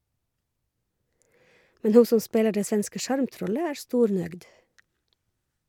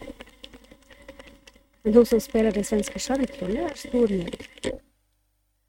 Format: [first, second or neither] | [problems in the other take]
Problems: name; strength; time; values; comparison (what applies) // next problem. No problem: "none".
first | noise reduction (neural mask model RNNoise)